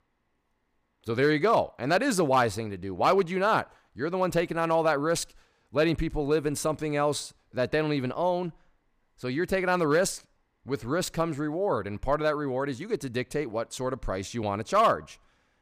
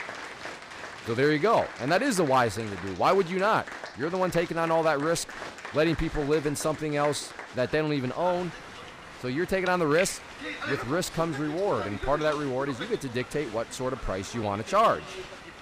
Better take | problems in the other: first | crowd noise; noticeable; throughout; 10 dB below the speech

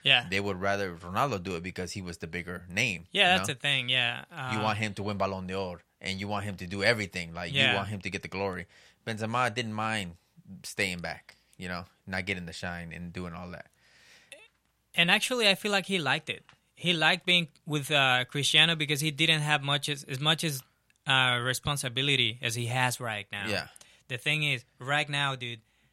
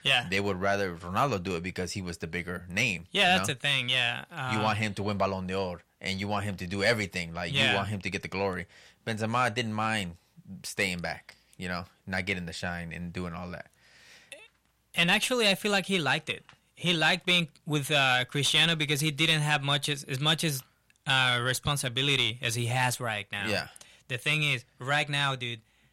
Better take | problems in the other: first | distortion; slight; 10 dB below the speech

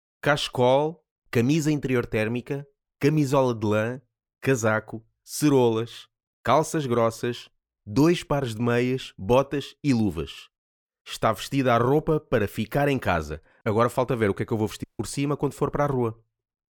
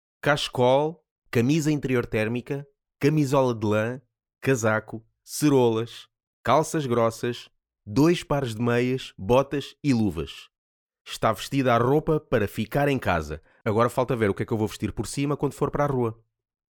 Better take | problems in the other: second | audio cutting out; at 15 s

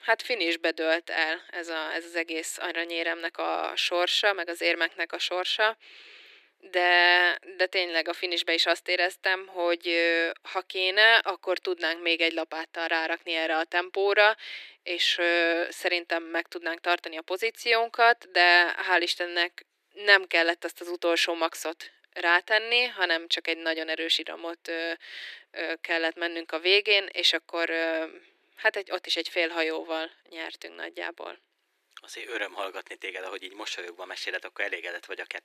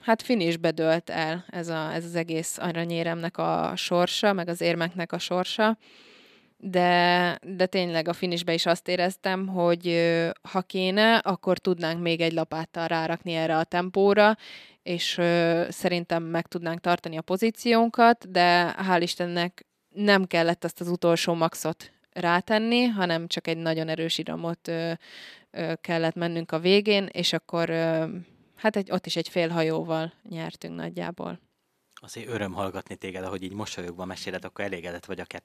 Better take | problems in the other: second | thin; very; fading below 350 Hz

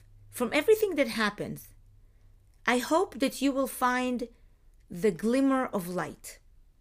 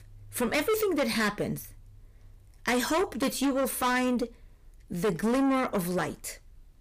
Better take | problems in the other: first | distortion; heavy; 6 dB below the speech

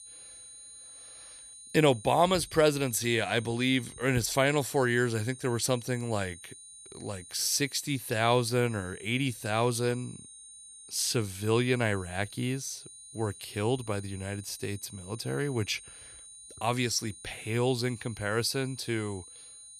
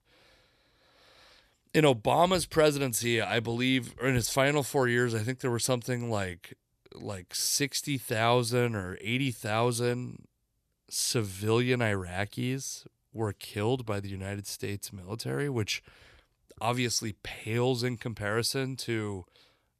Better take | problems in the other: second | high-pitched whine; noticeable; throughout; 9 kHz, 15 dB below the speech

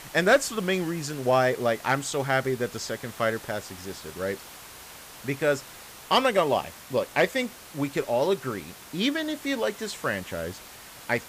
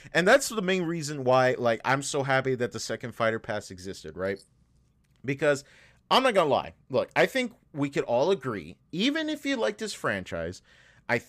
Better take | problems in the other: second | hiss; noticeable; throughout; 15 dB below the speech

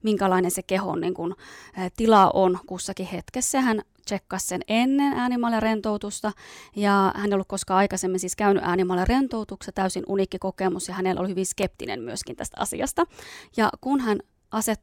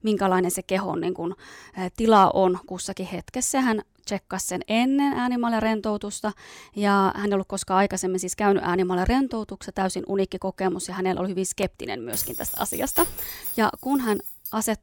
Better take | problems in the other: first | jangling keys; noticeable; from 12 s on; peak level with the speech

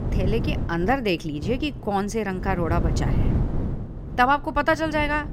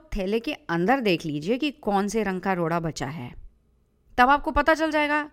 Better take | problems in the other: second | wind noise on the microphone; occasional gusts; 15 dB below the speech

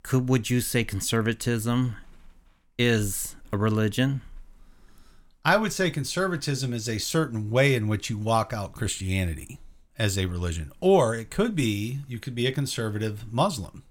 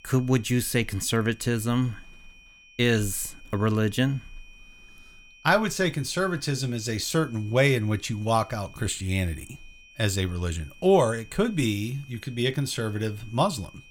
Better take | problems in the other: first | high-pitched whine; faint; throughout; 2.5 kHz, 25 dB below the speech

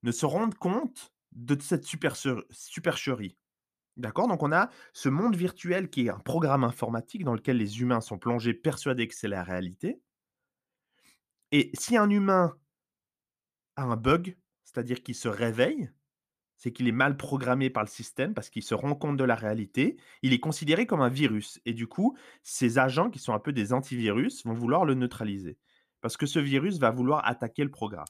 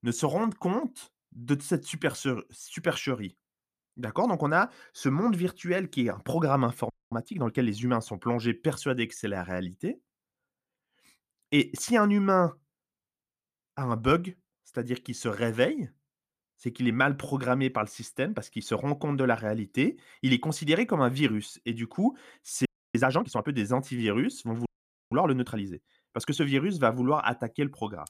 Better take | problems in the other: first | audio freezing; at 7 s, at 23 s and at 25 s

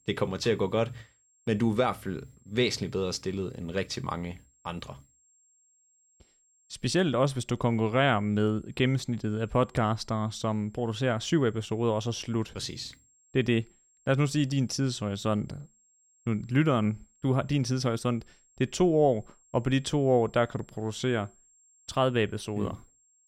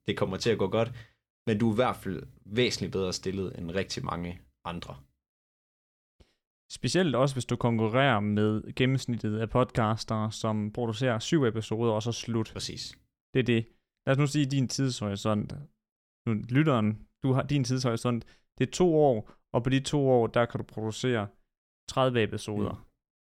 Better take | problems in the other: second | high-pitched whine; faint; throughout; 7.5 kHz, 35 dB below the speech

